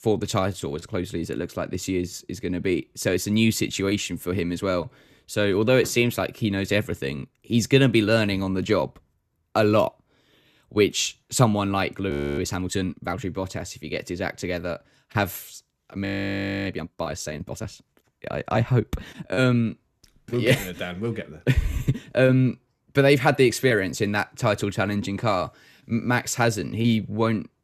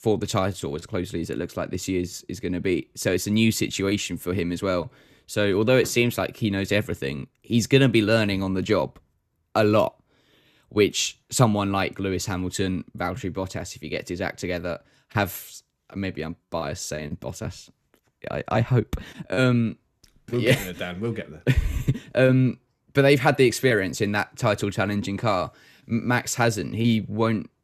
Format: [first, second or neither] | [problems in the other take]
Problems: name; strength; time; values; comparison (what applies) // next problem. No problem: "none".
second | audio freezing; at 12 s and at 16 s for 0.5 s